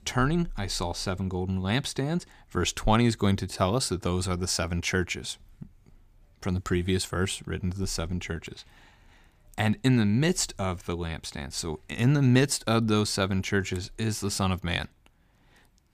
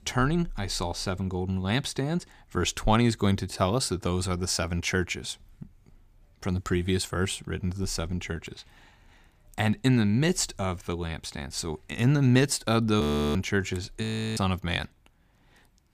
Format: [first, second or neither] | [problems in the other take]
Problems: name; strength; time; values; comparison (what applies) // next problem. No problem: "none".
first | audio freezing; at 13 s and at 14 s